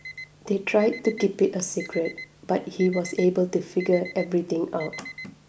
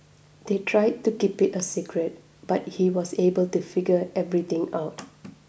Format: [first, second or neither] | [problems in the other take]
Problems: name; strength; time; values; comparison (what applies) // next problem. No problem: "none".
second | background sound (Alarm); 16 dB below the speech